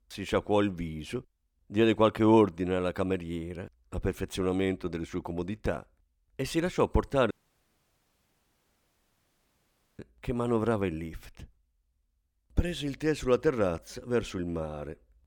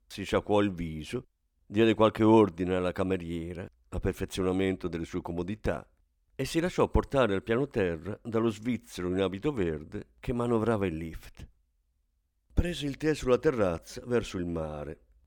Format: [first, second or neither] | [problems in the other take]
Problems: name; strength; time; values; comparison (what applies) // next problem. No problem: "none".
second | audio cutting out; at 7.5 s for 2.5 s